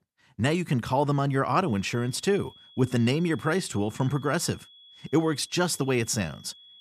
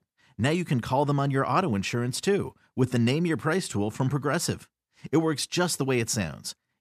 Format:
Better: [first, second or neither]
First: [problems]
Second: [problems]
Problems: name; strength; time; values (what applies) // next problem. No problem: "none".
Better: second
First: high-pitched whine; faint; from 1.5 s on; 3.5 kHz, 25 dB below the speech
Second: none